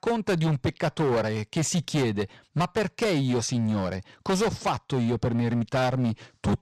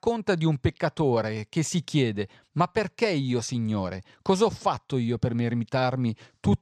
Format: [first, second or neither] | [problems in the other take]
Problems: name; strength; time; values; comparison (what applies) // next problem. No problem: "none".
second | distortion; heavy; 17% of the sound clipped